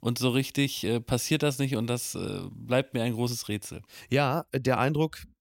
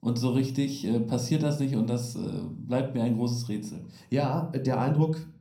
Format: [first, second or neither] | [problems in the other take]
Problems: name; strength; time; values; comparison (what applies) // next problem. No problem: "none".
first | room echo; slight; dies away in 0.5 s // off-mic speech; somewhat distant